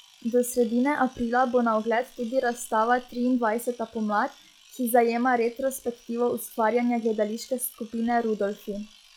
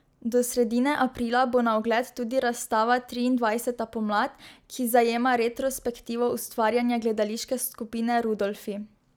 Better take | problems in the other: second | noise reduction (classical method log-MMSE)

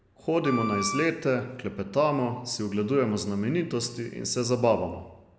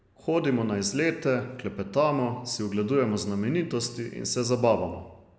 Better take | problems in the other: second | background sound (Wind instrument, woodwind instrument); 7 dB below the speech

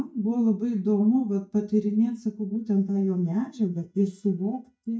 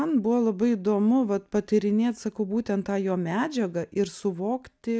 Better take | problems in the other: second | noise reduction (neural mask model DeepFilterNet 3)

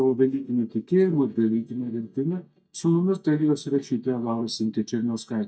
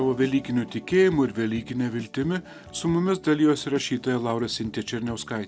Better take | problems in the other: second | noise reduction (neural mask model DeepFilterNet 3)

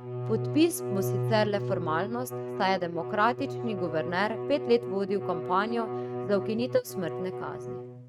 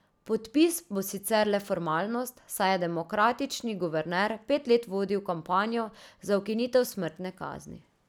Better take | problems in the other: second | noise reduction (neural mask model RNNoise)

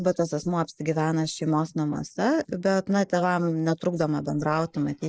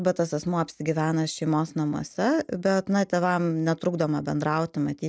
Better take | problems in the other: second | noise reduction (neural mask model Resemble Enhance denoiser)

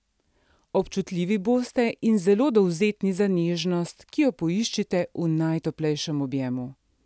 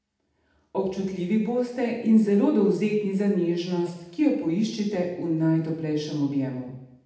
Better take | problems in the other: first | room echo; dies away in 0.8 s

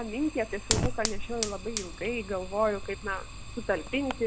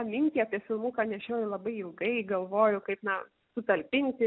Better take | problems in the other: second | background sound (Fire); 3 dB below the speech

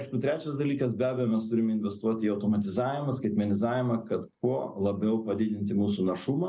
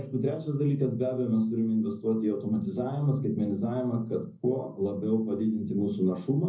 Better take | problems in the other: first | room echo; dies away in 0.4 s

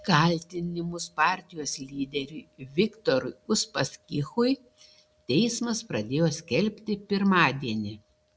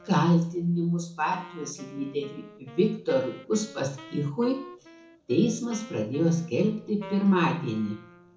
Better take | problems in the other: first | background sound (Wind instrument, woodwind instrument); 20 dB below the speech // room echo; dies away in 0.6 s

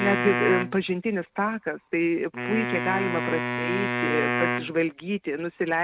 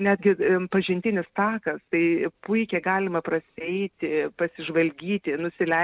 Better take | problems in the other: second | background sound (Wind instrument, woodwind instrument); 3 dB below the speech

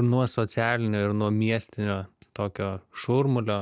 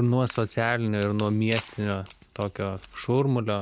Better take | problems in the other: first | background sound (Wood); 18 dB below the speech

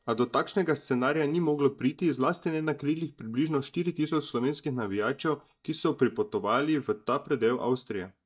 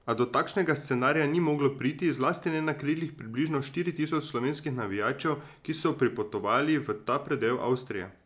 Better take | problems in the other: second | noise reduction (neural mask model DeepFilterNet 3)

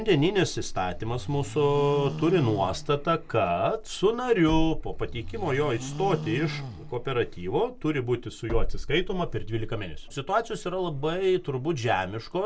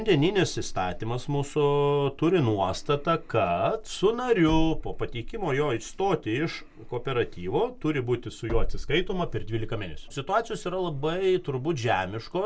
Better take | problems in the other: second | background sound (Livestock, farm animals, working animals); 12 dB below the speech

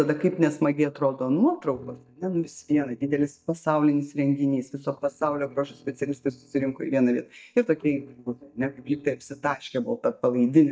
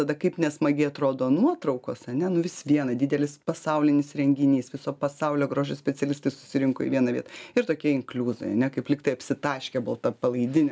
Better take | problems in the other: second | noise reduction (neural mask model DeepFilterNet 3)

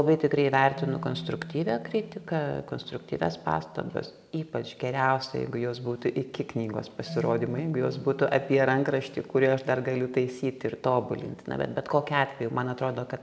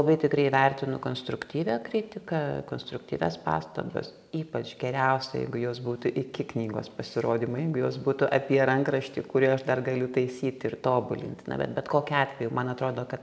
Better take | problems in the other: second | background sound (Marimba, xylophone); 17 dB below the speech

